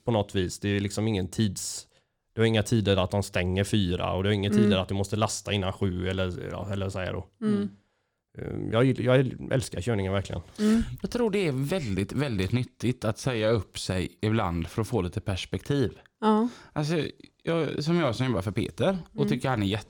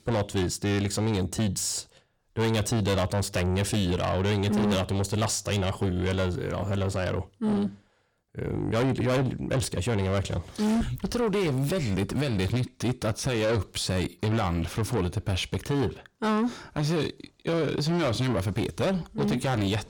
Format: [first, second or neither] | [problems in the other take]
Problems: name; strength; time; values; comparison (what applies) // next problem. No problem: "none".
first | distortion; heavy; 7 dB below the speech